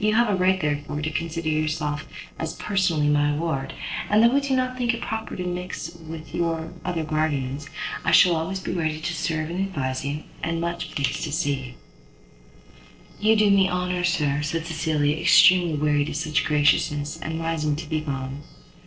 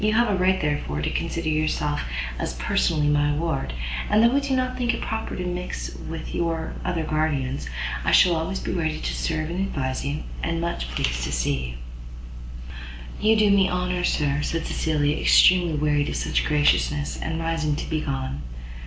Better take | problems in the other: second | noise reduction (neural separator model SepFormer DNS4)

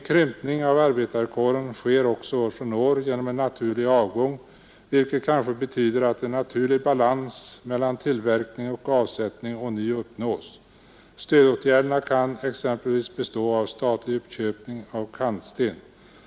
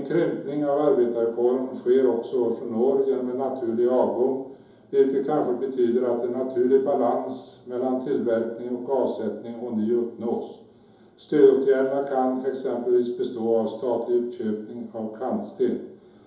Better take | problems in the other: first | room echo; dies away in 2.8 s

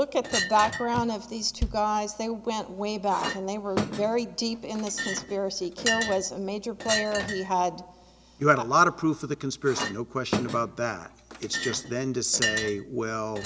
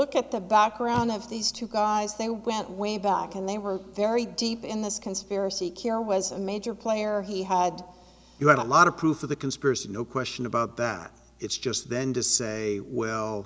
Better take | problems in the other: second | background sound (Bass drum + Chink, clink); 7 dB below the speech

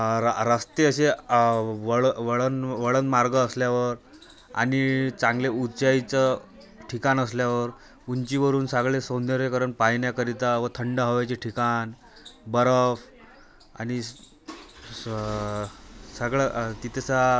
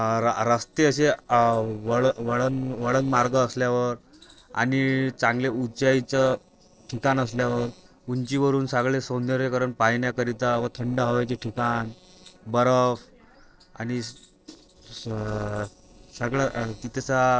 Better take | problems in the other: first | noise reduction (neural separator model SepFormer DNS4)

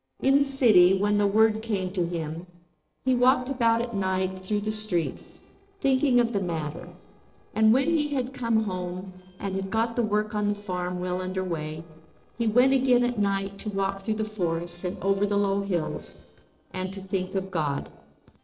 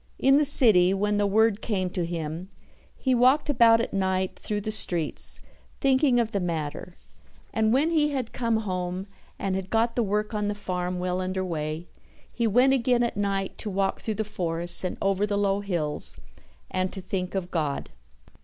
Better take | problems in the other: second | noise reduction (neural separator model SepFormer DNS4)

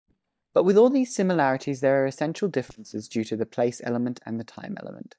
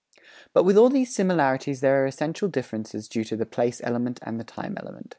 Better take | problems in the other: second | noise reduction (neural mask model DeepFilterNet 3)

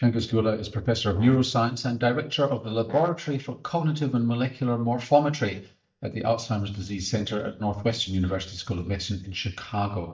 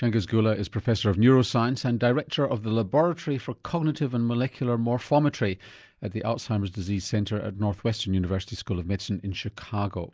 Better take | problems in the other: second | noise reduction (neural mask model DeepFilterNet 3)

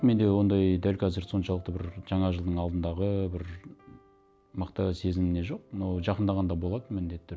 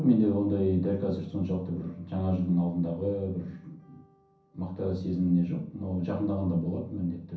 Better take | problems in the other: first | room echo; dies away in 0.6 s

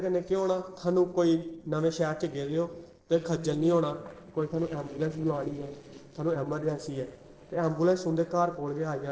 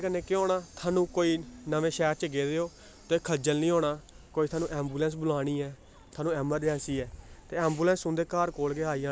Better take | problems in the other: second | noise reduction (neural separator model SepFormer DNS4)

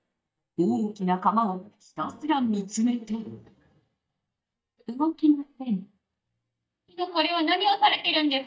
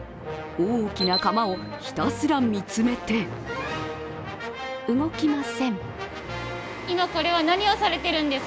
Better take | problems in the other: second | noise reduction (neural mask model DeepFilterNet 3)

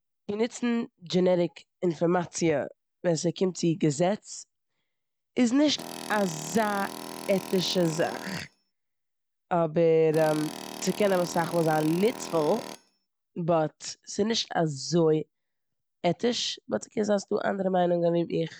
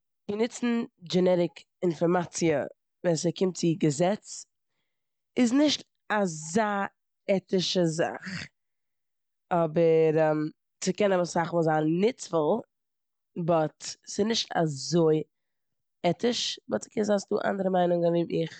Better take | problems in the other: second | background sound (Tools); 12 dB below the speech

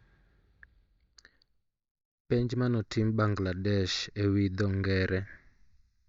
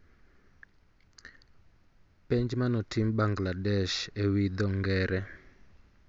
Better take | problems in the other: second | noise reduction (neural mask model DeepFilterNet 3)

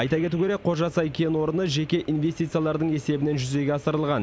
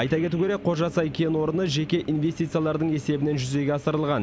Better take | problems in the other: first | background sound (Piano); 19 dB below the speech

